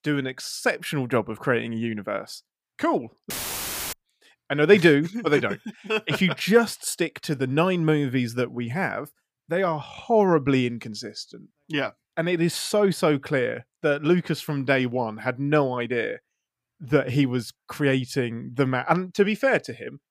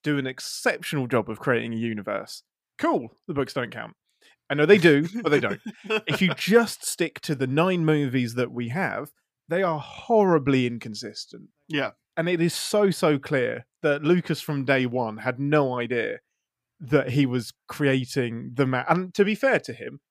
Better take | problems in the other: second | audio cutting out; filled with static; at 3.5 s for 0.5 s

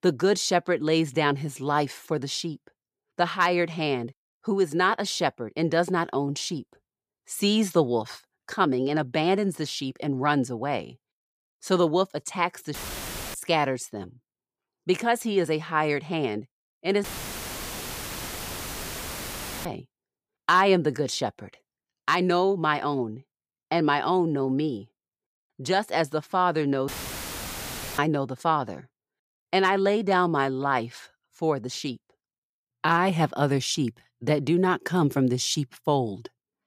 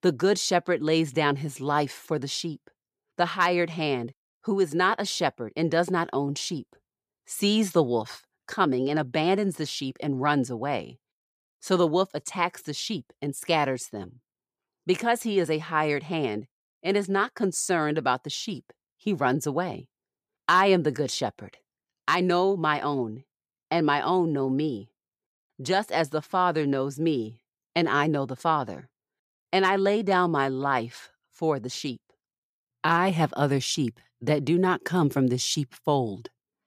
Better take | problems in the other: second | audio cutting out; filled with static; at 13 s for 0.5 s, at 17 s for 2.5 s and at 27 s for 1 s

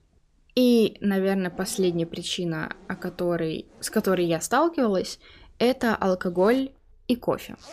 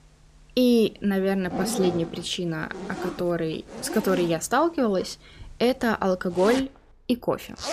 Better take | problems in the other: first | household noises; loud; throughout; 9 dB below the speech; faint in the first

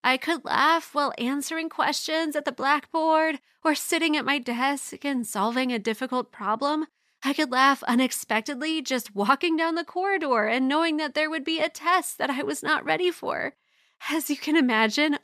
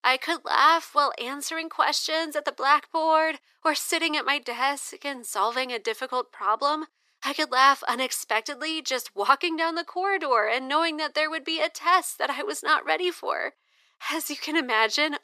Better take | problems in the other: first | thin; somewhat; fading below 350 Hz

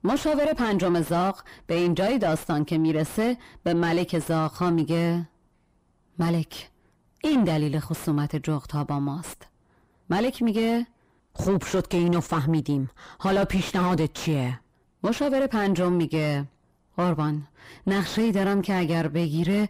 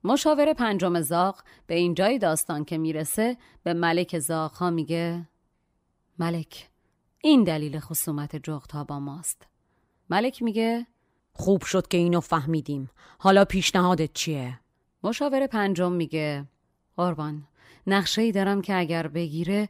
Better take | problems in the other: second | distortion; heavy; 5 dB below the speech

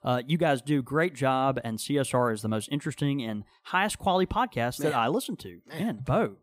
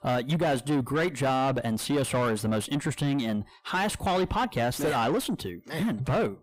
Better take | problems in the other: first | distortion; heavy; 7 dB below the speech

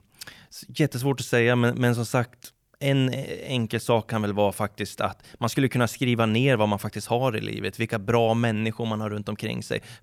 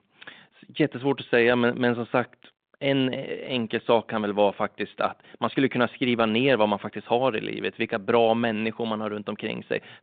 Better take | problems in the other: first | phone-call audio; nothing above 3.5 kHz

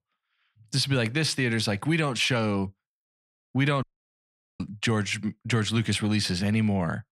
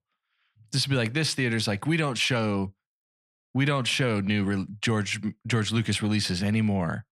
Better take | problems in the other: second | audio cutting out; at 4 s for 1 s

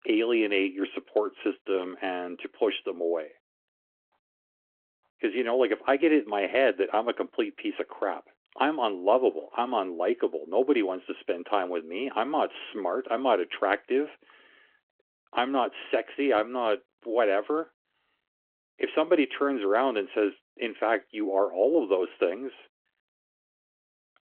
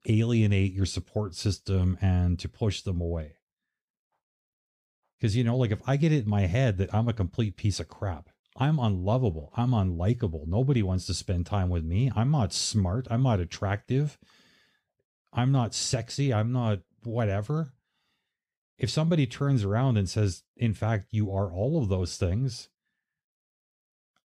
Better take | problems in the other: second | phone-call audio

